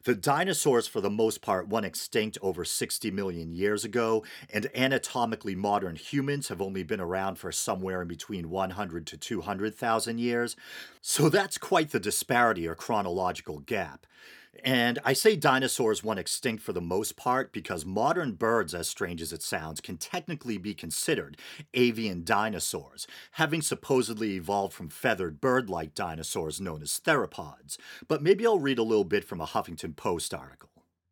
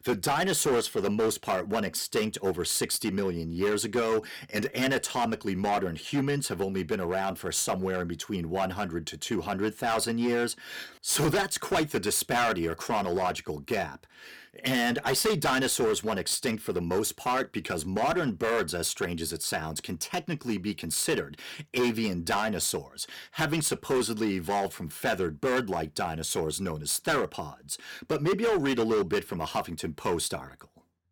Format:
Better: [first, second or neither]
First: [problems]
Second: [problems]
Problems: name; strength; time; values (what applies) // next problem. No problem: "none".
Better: first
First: none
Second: distortion; heavy; 9% of the sound clipped